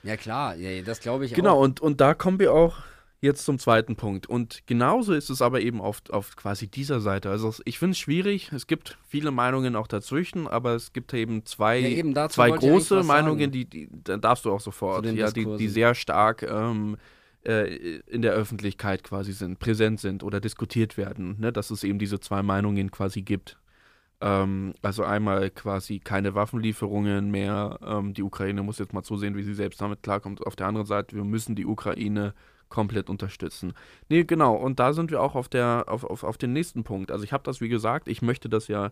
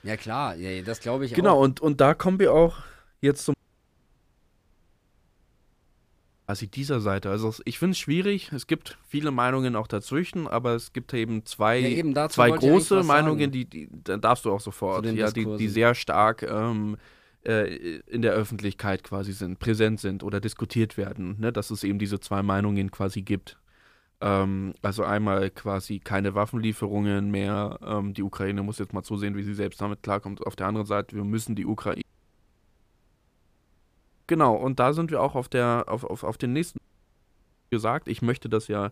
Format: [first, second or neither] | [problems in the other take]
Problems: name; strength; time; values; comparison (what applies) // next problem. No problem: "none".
first | audio cutting out; at 3.5 s for 3 s, at 32 s for 2.5 s and at 37 s for 1 s